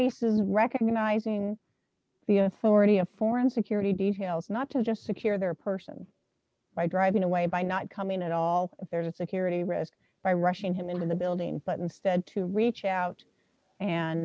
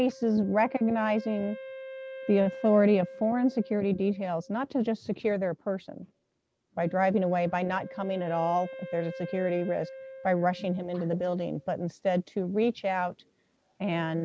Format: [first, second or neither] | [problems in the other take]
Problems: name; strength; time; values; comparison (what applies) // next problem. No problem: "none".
first | background sound (Wind instrument, woodwind instrument); 17 dB below the speech